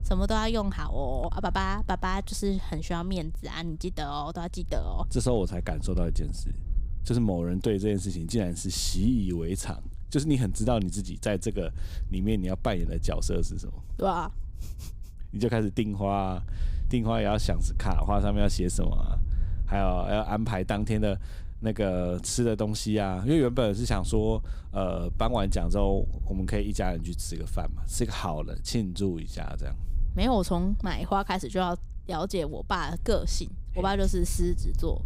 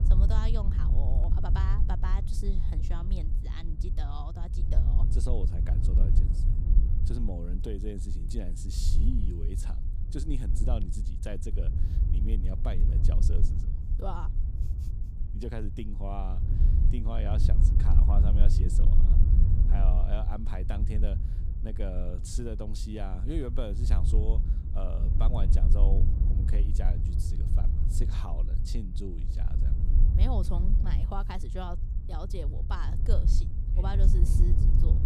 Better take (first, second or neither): first